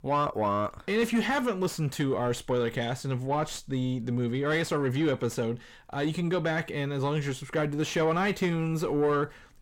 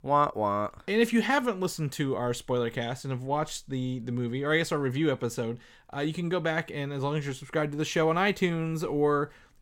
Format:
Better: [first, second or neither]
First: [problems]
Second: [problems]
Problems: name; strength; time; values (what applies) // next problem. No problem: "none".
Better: second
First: distortion; slight; 10 dB below the speech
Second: none